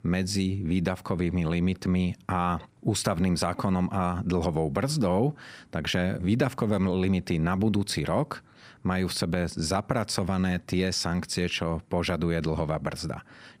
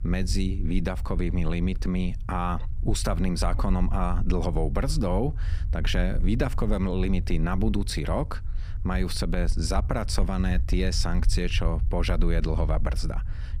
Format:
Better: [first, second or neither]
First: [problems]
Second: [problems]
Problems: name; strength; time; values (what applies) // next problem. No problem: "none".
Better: first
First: none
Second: low rumble; noticeable; throughout; 20 dB below the speech